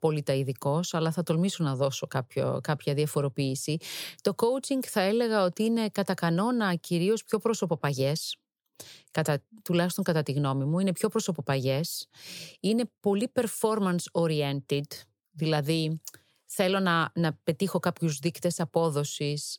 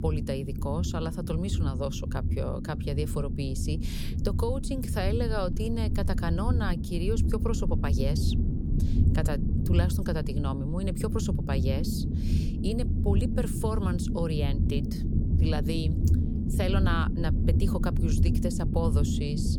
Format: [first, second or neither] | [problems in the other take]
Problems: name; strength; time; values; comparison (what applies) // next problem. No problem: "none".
first | low rumble; loud; throughout; 5 dB below the speech